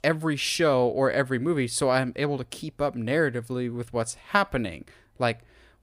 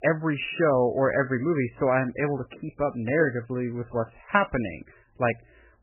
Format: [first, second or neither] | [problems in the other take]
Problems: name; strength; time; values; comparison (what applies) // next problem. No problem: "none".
first | garbled, watery; badly; nothing above 3 kHz